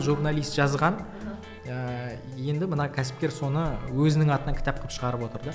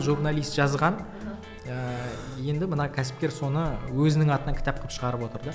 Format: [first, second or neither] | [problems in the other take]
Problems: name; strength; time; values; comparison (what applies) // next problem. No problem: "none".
first | background sound (Breathing); 17 dB below the speech